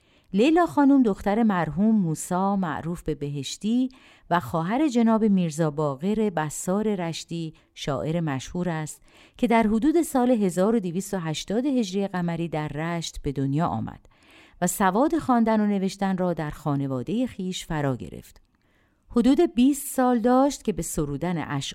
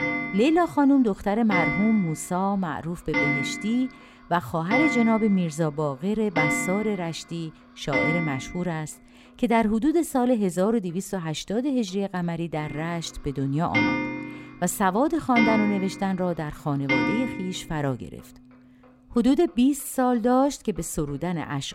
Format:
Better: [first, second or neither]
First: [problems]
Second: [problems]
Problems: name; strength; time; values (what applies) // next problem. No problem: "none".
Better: first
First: none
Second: household noises; loud; throughout; 2 dB below the speech